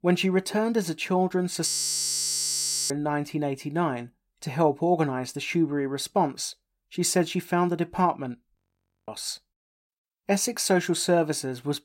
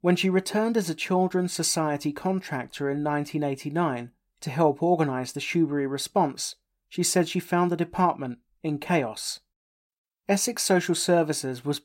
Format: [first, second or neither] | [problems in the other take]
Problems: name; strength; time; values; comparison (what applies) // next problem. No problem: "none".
second | audio freezing; at 1.5 s for 1 s and at 8.5 s for 0.5 s